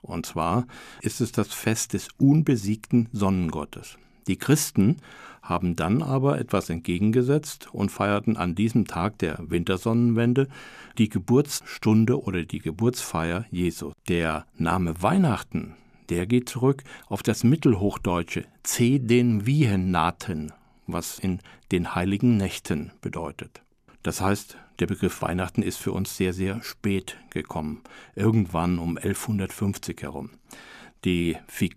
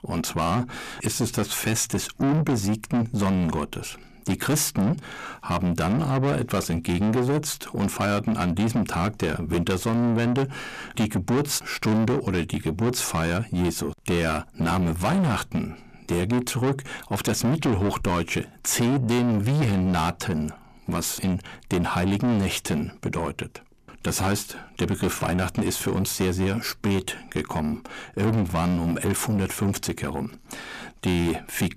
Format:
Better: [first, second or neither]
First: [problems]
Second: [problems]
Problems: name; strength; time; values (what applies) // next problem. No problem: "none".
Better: first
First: none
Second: distortion; heavy; 6 dB below the speech